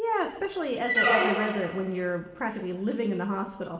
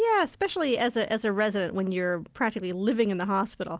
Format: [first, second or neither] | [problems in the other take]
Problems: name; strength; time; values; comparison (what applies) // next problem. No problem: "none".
second | background sound (Squeak); 1 dB above the speech // room echo; dies away in 1 s